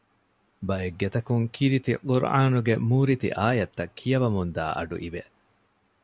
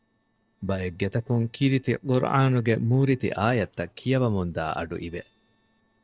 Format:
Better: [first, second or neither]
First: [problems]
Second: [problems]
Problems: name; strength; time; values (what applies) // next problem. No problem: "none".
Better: first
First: none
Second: noise reduction (neural separator model SepFormer DNS4)